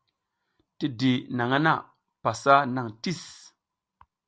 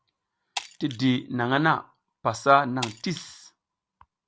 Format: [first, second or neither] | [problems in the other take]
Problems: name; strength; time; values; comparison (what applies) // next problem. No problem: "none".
first | background sound (Shatter); 17 dB below the speech